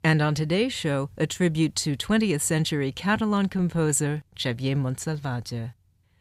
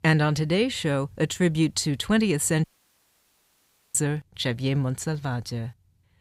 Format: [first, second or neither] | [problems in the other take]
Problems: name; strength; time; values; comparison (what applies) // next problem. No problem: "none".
first | audio cutting out; at 2.5 s for 1.5 s